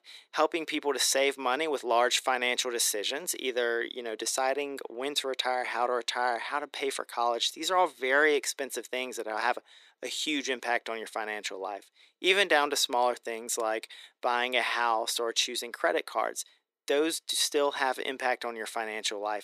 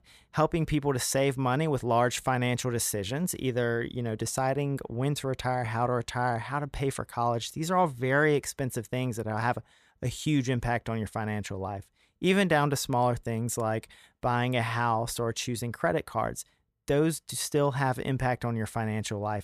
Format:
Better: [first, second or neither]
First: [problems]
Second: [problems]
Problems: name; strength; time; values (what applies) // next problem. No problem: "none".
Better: second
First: thin; very; fading below 300 Hz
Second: none